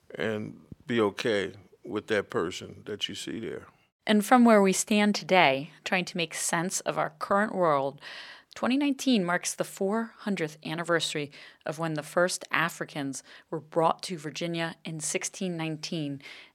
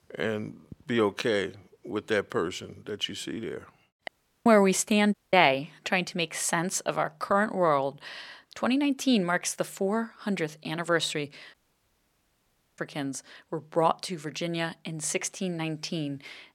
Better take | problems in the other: first | audio cutting out; at 4 s, at 5 s and at 12 s for 1 s

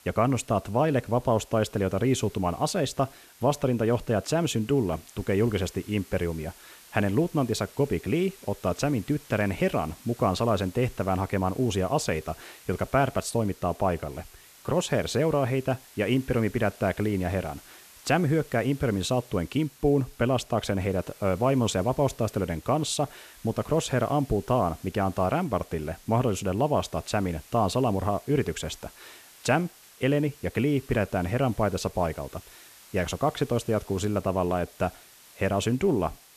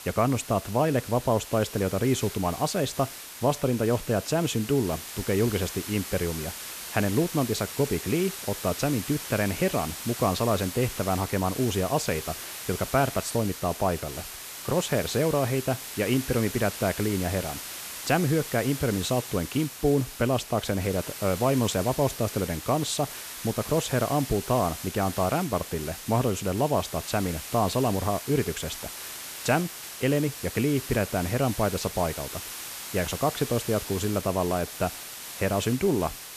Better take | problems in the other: first | hiss; loud; throughout; 9 dB below the speech; faint in the first

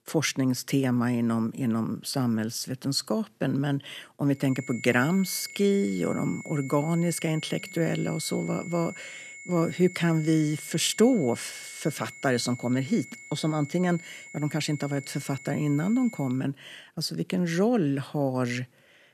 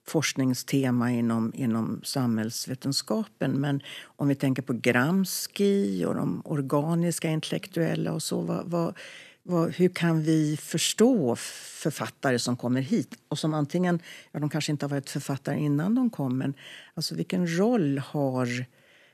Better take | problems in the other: second | high-pitched whine; noticeable; from 4.5 to 16 s; 2 kHz, 15 dB below the speech

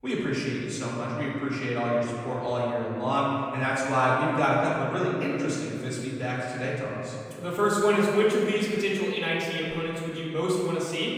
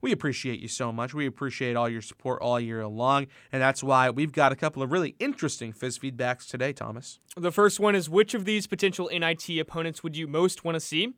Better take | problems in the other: second | off-mic speech; far // room echo; noticeable; dies away in 2.2 s

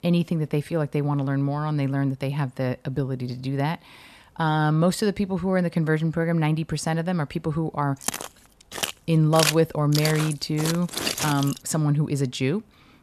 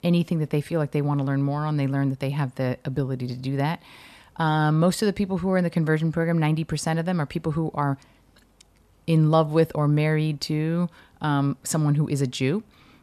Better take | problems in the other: second | footsteps; loud; from 8 to 12 s; peak 1 dB above the speech

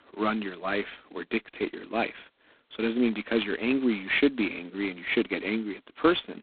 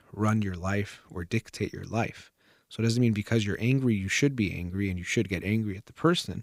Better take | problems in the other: second | phone-call audio; poor line; nothing above 4 kHz

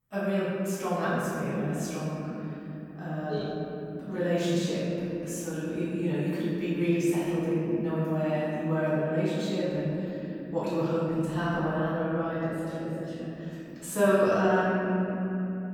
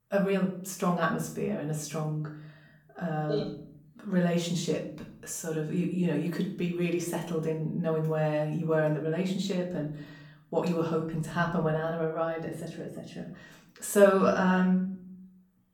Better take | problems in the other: second | room echo; strong; dies away in 3 s; slight in the second // off-mic speech; far; far in the second

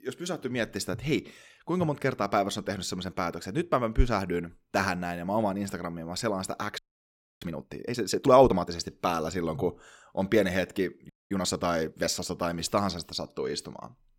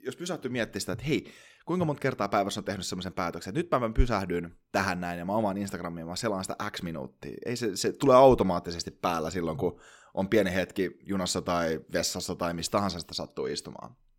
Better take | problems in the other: second | audio freezing; at 7 s for 0.5 s and at 11 s

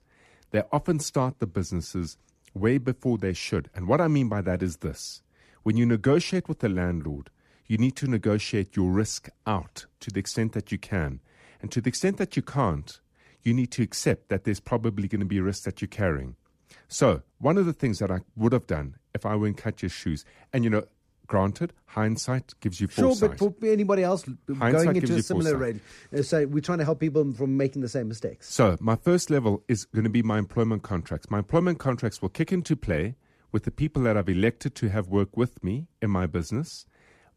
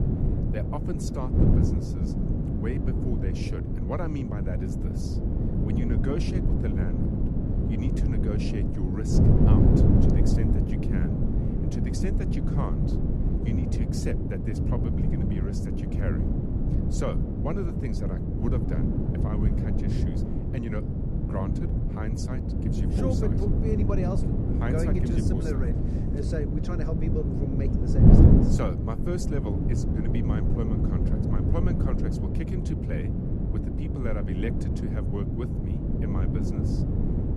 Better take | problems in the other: first | wind noise on the microphone; heavy; 3 dB above the speech

